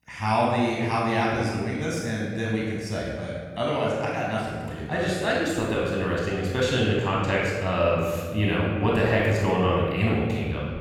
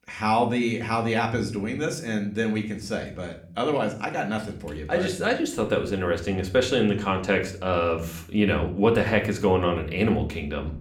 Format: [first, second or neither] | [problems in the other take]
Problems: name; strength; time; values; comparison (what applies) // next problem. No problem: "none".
second | room echo; strong; dies away in 1.6 s; slight in the second // off-mic speech; far